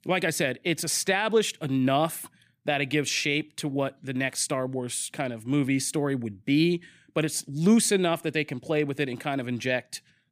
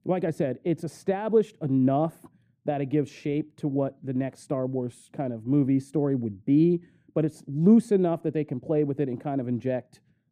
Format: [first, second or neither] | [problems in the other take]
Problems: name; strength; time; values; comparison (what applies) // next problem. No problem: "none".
first | muffled; very; fading above 1.5 kHz